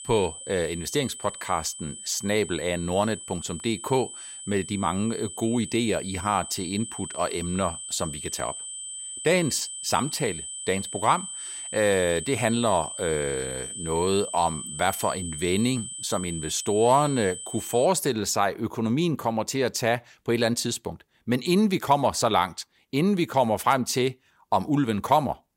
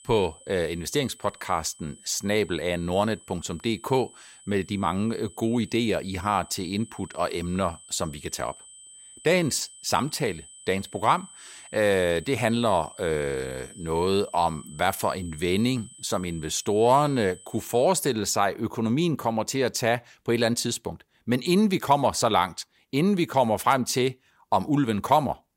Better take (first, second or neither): second